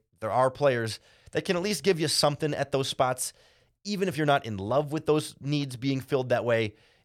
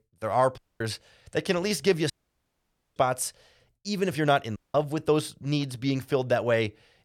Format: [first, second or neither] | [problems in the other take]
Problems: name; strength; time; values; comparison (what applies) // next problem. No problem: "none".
first | audio cutting out; at 0.5 s, at 2 s for 1 s and at 4.5 s